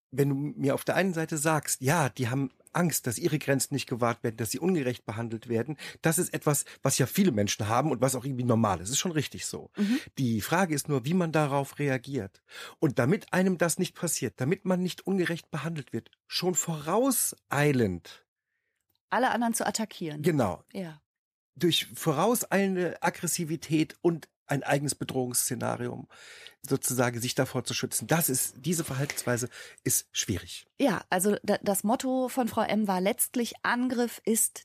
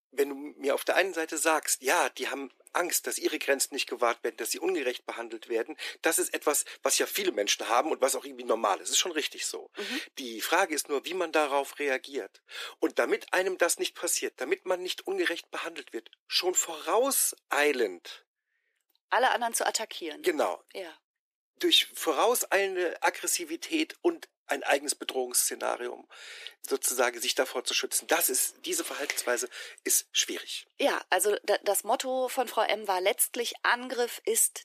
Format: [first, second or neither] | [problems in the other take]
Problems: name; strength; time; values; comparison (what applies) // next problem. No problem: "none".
first | thin; very; fading below 350 Hz